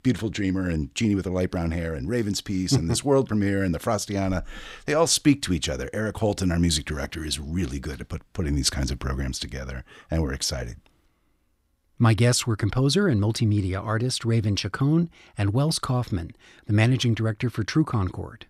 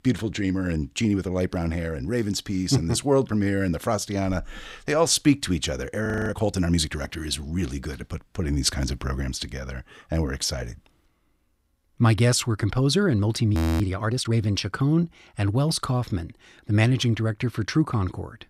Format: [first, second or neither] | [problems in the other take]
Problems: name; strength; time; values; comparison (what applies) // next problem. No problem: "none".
first | audio freezing; at 6 s and at 14 s